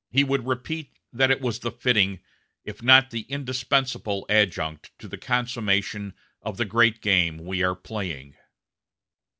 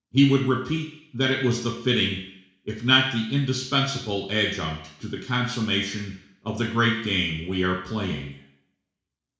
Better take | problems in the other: first | room echo; dies away in 0.7 s

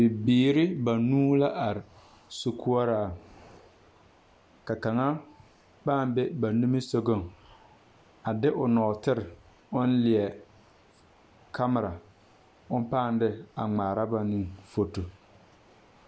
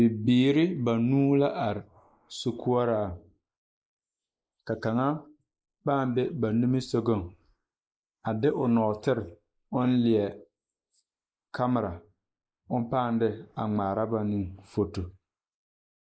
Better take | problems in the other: first | noise reduction (neural mask model Resemble Enhance denoiser)

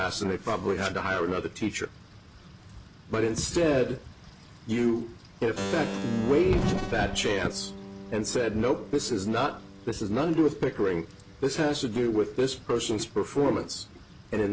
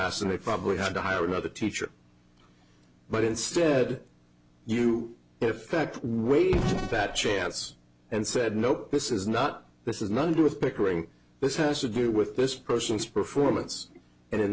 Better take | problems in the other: second | background sound (Wind / Rain + Keyboard (musical)); 12 dB below the speech

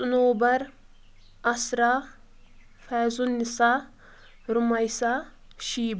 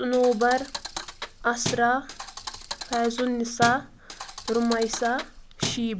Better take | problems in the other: first | background sound (Thump, thud); 10 dB below the speech

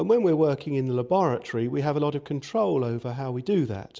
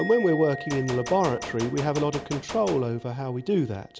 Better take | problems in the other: first | background sound (Musical instrument + Gunshot, gunfire); 12 dB below the speech

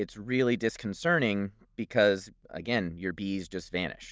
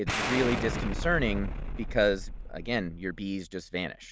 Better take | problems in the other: first | background sound (Explosion); 3 dB below the speech

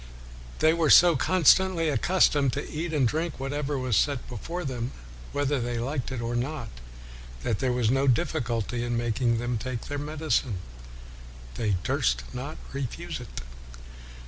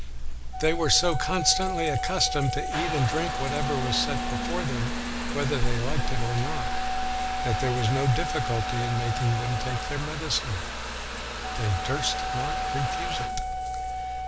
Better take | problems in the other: first | background sound (Wind instrument, woodwind instrument + Trickle, dribble / Bathtub (filling or washing) / Water tap, faucet); 1 dB below the speech

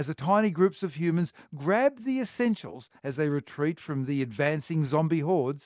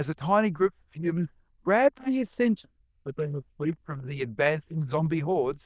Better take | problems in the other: first | noise reduction (neural diffusion model UNIVERSE++)

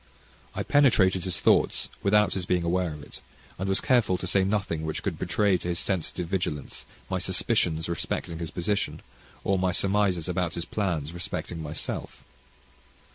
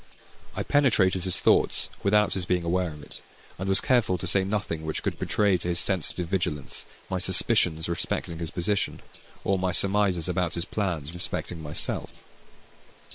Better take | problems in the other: first | noise reduction (neural separator model SepFormer WHAM!)

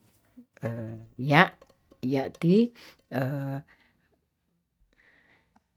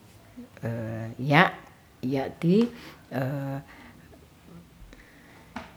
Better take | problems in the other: second | noise reduction (neural mask model DeepFilterNet 3)

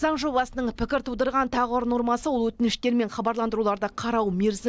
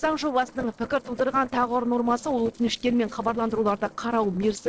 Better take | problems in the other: first | noise reduction (neural separator model SepFormer DNS4)

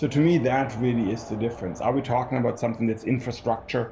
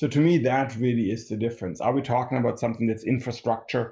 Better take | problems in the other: second | background sound (Crowd); 17 dB below the speech

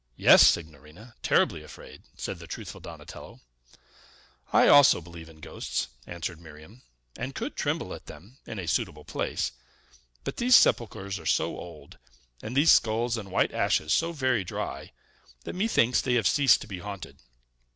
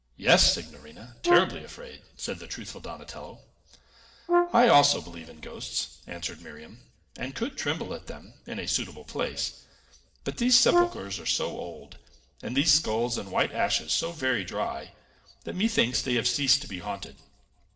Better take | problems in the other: first | background sound (Brass instrument); as loud as the speech // room echo; dies away in 1.2 s

